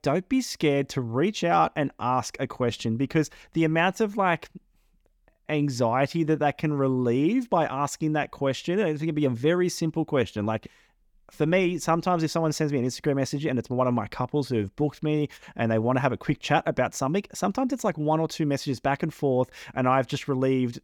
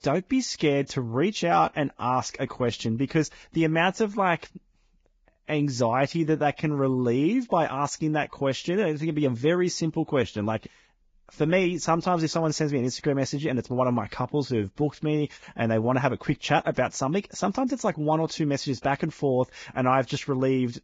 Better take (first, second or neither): first